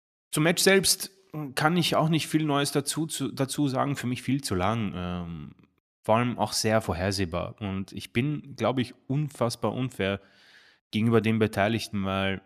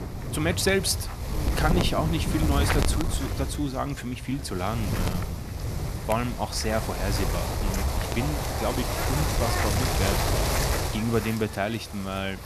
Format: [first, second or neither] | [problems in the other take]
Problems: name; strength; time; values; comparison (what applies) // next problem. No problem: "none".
first | wind noise on the microphone; heavy; 1 dB below the speech